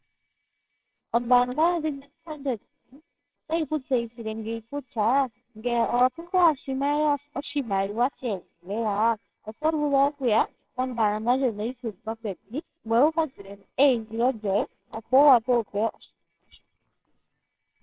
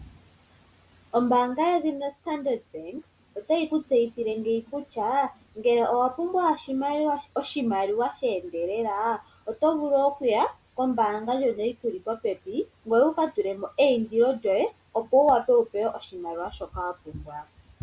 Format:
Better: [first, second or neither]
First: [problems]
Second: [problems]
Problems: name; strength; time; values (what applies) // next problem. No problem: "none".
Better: second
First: noise reduction (neural separator model SepFormer WHAMR!)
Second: none